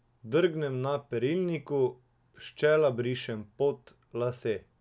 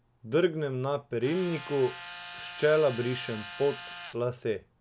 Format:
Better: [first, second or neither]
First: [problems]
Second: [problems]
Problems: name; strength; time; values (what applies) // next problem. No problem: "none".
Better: first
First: none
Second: background sound (Tools); 13 dB below the speech